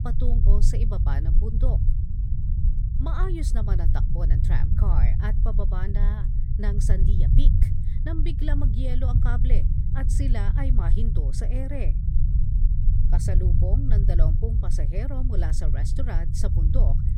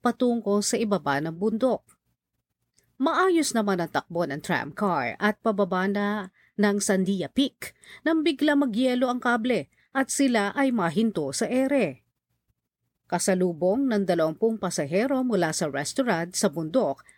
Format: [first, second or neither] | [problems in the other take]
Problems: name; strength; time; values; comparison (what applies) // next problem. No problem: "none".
second | low rumble; loud; throughout; 3 dB below the speech